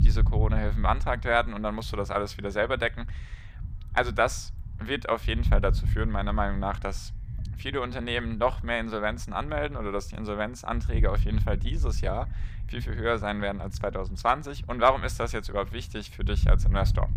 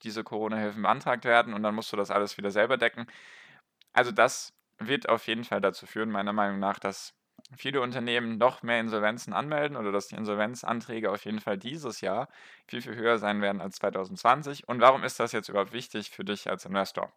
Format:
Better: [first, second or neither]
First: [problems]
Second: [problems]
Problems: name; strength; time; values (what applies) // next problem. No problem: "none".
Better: second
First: wind noise on the microphone; occasional gusts; 20 dB below the speech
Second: none